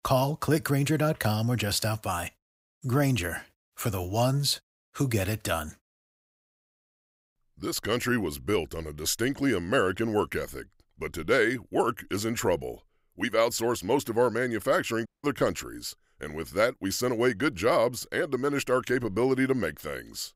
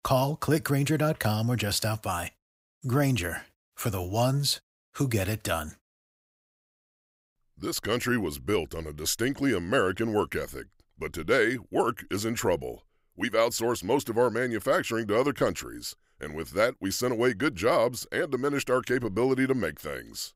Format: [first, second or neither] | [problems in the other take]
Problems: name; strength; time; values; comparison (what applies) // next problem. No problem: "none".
second | audio cutting out; at 15 s